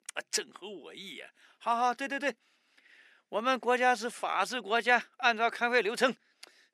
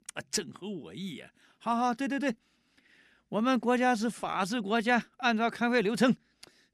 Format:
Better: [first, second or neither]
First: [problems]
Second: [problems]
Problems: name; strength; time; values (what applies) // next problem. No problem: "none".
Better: second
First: thin; somewhat; fading below 500 Hz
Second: none